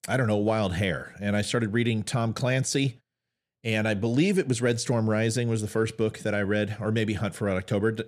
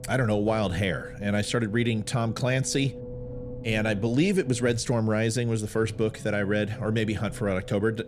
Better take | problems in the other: first | low rumble; noticeable; throughout; 15 dB below the speech

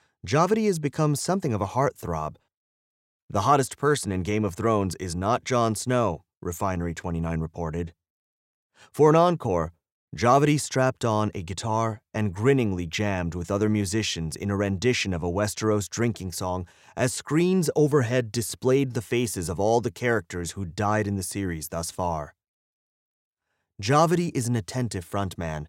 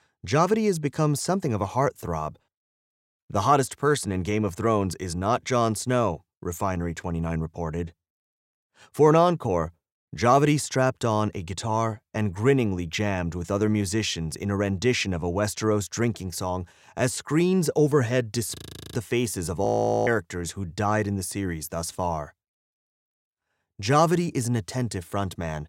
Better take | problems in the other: first | audio freezing; at 19 s and at 20 s

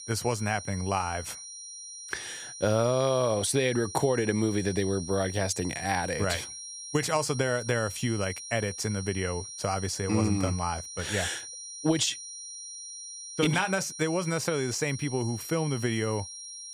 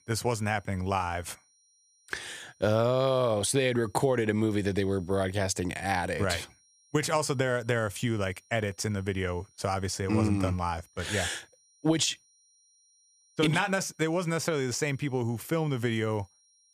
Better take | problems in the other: second | high-pitched whine; loud; throughout; 5.5 kHz, 10 dB below the speech; faint in the second

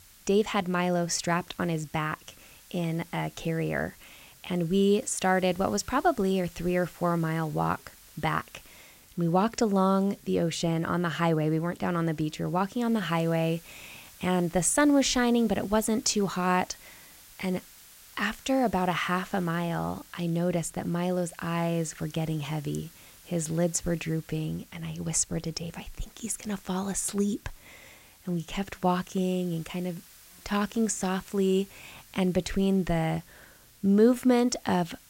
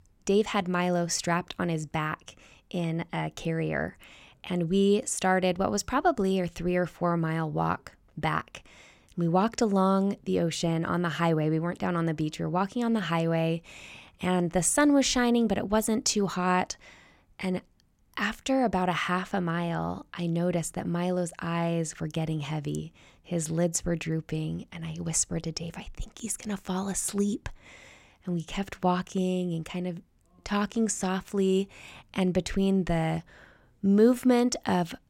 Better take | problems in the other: second | hiss; faint; throughout; 25 dB below the speech

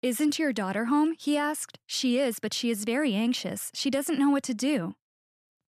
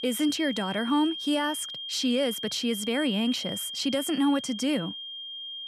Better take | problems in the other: first | high-pitched whine; loud; throughout; 3 kHz, 7 dB below the speech

